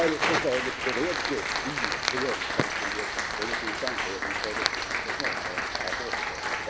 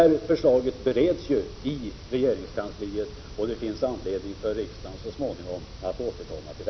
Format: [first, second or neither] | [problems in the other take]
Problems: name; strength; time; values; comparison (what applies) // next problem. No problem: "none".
second | background sound (Fire + Applause); 4 dB above the speech